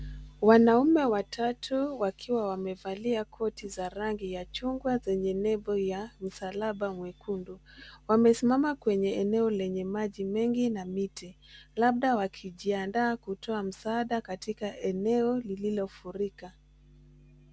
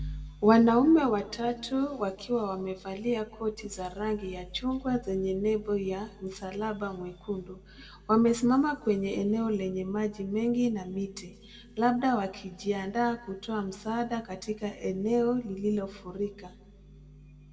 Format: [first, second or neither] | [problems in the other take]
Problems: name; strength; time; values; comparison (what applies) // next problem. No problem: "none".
first | room echo; dies away in 1 s